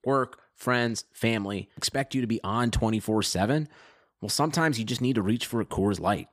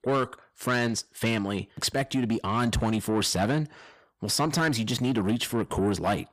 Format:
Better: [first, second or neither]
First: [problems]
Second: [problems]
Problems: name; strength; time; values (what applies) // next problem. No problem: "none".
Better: first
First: none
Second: distortion; slight; 10 dB below the speech